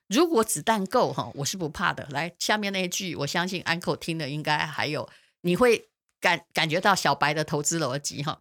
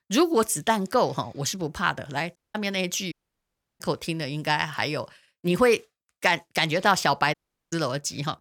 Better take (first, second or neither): first